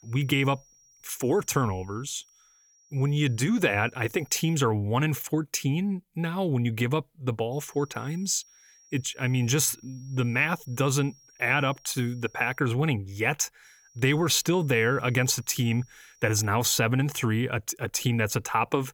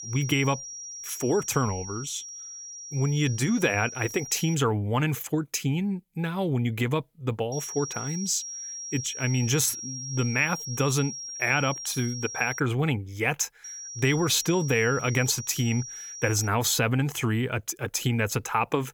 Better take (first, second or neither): first